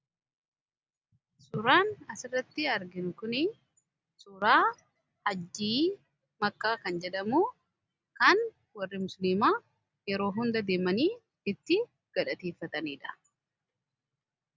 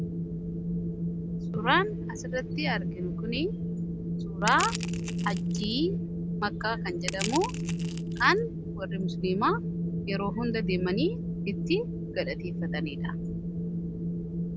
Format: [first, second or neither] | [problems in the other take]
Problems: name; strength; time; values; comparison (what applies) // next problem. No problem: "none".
first | background sound (Crushing + Wind); as loud as the speech